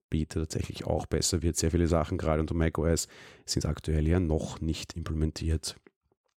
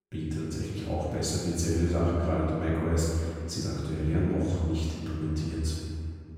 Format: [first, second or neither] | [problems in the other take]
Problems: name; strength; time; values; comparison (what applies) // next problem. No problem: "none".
first | off-mic speech; far // room echo; strong; dies away in 2.1 s